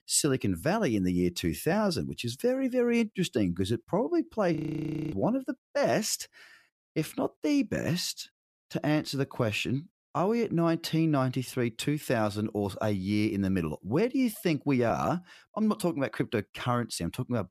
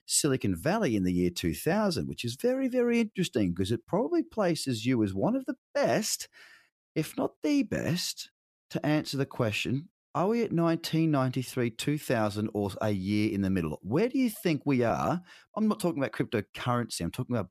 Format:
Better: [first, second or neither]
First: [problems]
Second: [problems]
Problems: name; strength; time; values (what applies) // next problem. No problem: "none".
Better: second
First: audio freezing; at 4.5 s for 0.5 s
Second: none